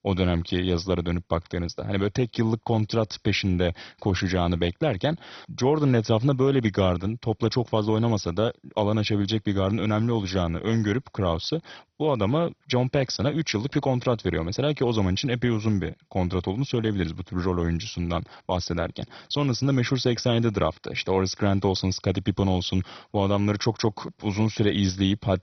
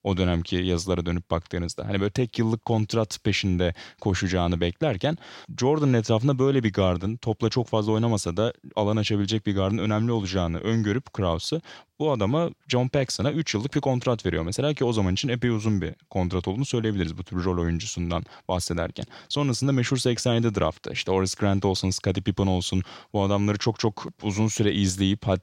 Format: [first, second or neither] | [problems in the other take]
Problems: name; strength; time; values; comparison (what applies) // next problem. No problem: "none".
second | garbled, watery; badly; nothing above 6 kHz